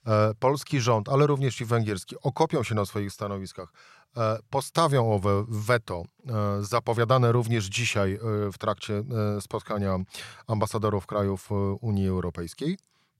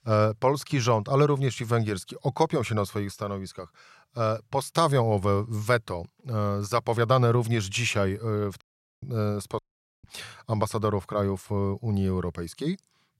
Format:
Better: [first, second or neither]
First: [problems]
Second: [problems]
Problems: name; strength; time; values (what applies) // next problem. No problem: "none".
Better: first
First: none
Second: audio cutting out; at 8.5 s and at 9.5 s